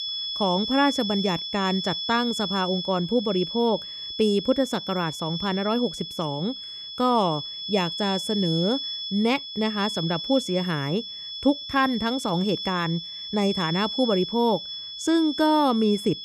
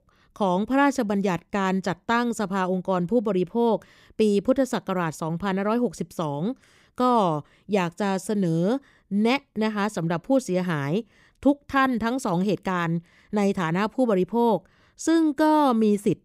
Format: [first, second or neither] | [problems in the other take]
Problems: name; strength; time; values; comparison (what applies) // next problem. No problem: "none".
second | high-pitched whine; loud; throughout; 3.5 kHz, 5 dB below the speech